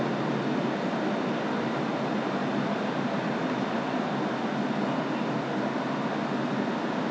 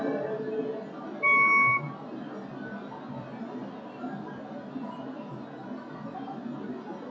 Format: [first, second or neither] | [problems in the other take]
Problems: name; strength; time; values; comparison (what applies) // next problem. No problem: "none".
first | noise reduction (classical method WPE with log-MMSE)